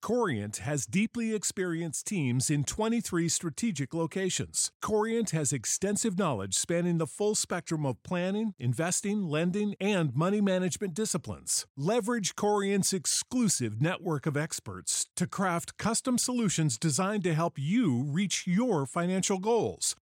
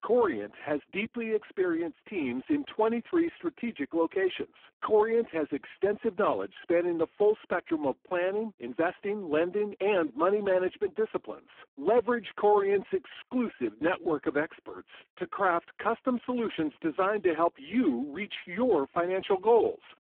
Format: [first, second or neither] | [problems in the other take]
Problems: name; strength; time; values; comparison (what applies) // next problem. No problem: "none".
first | phone-call audio; poor line